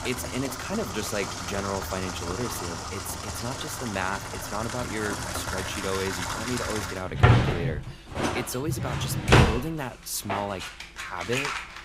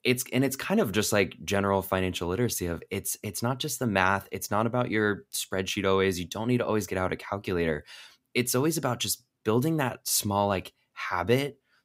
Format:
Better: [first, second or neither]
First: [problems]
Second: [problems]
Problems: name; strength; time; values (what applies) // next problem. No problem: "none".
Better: second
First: household noises; very loud; throughout; 4 dB above the speech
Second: none